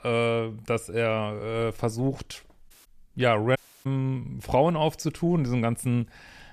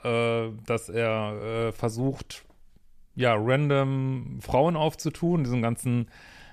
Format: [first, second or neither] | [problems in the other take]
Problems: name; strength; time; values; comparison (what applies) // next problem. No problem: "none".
second | audio cutting out; at 2.5 s and at 3.5 s